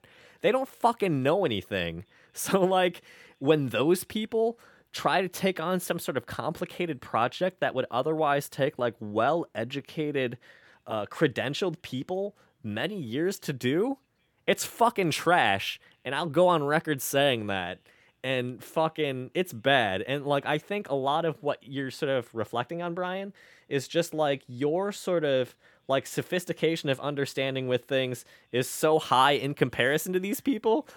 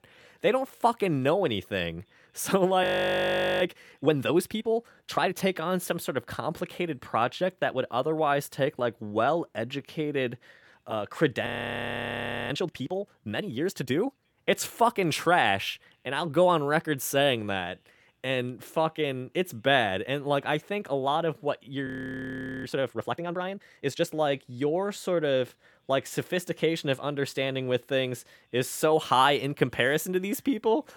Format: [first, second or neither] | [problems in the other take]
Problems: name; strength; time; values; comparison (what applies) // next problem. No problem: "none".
first | audio freezing; at 3 s for 1 s, at 11 s for 1 s and at 22 s for 1 s